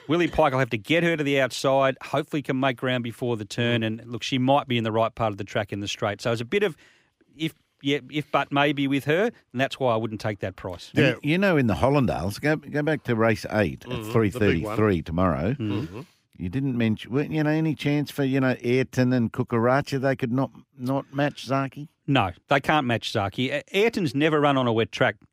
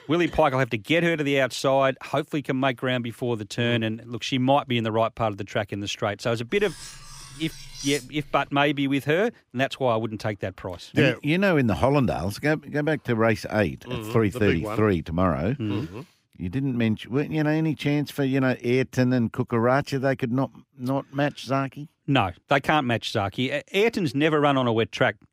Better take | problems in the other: first | clattering dishes; noticeable; from 6.5 to 8.5 s; peak 9 dB below the speech

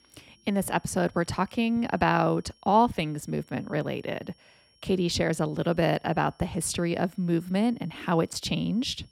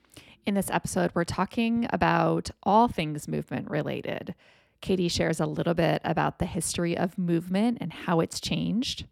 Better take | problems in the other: second | high-pitched whine; faint; throughout; 5.5 kHz, 35 dB below the speech

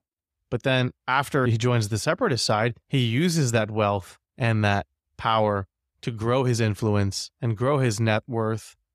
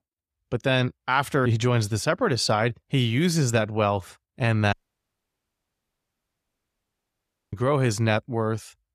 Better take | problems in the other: first | audio cutting out; at 4.5 s for 3 s

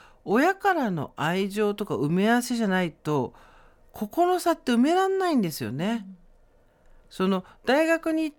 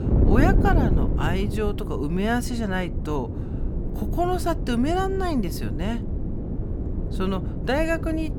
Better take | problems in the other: first | wind noise on the microphone; heavy; 8 dB below the speech

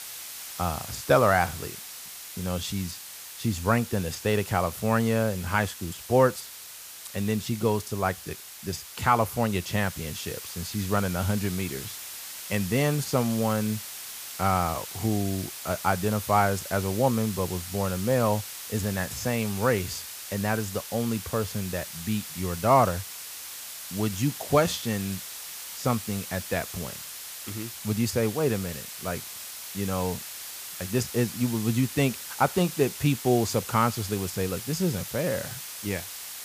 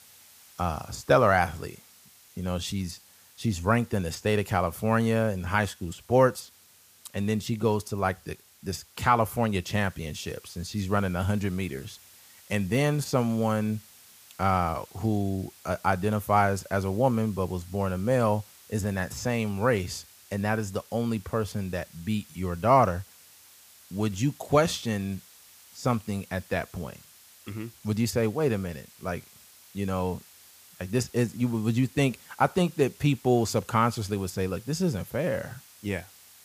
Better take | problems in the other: second | hiss; loud; throughout; 9 dB below the speech; faint in the second

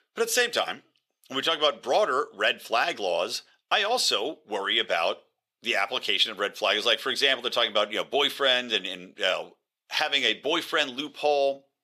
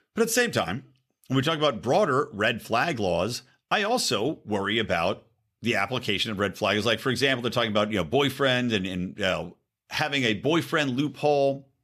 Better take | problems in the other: second | thin; somewhat; fading below 500 Hz

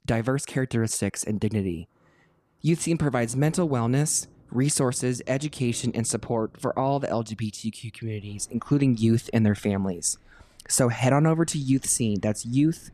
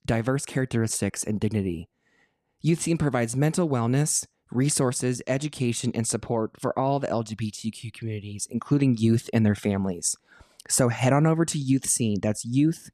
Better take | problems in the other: second | rain or running water; faint; throughout; 25 dB below the speech

